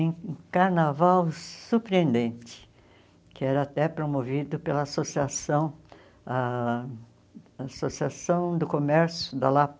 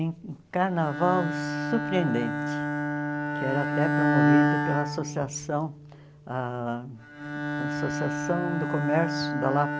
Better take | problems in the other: first | background sound (Bowed string instrument); 1 dB above the speech

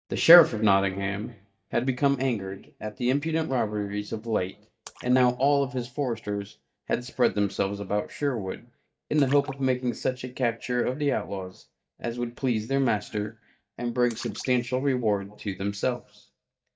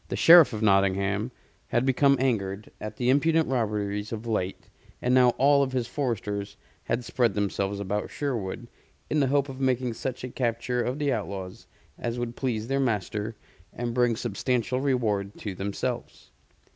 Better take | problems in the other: second | noise reduction (neural mask model DeepFilterNet 3)

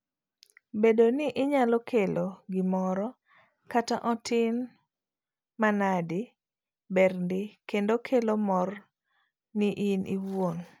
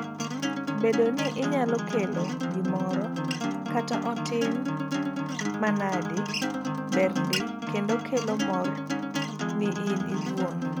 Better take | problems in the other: first | background sound (Acoustic guitar); as loud as the speech

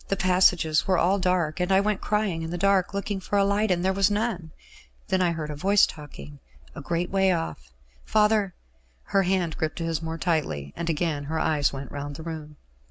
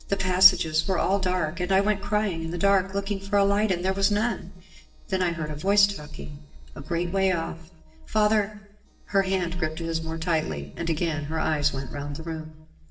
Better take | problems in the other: first | noise reduction (neural separator model SepFormer DNS4)

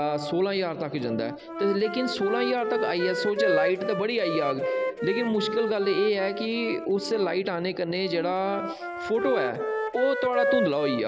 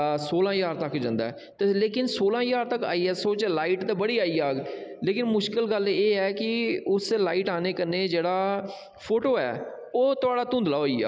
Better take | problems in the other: second | background sound (Wind instrument, woodwind instrument); 4 dB below the speech

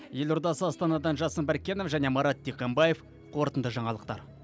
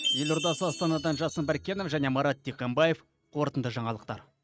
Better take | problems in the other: first | noise reduction (neural mask model RNNoise)

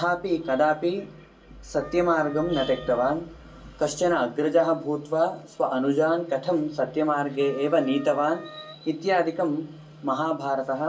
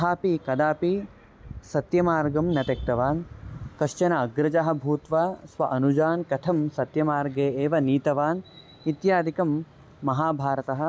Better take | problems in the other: second | background sound (Wind instrument, woodwind instrument); 17 dB below the speech // room echo; dies away in 0.2 s

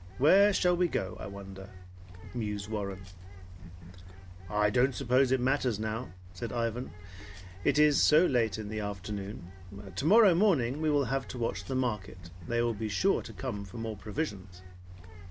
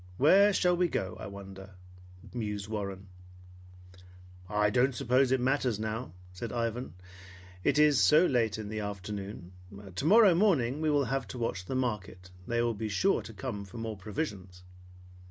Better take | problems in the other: second | background sound (Bird); 15 dB below the speech

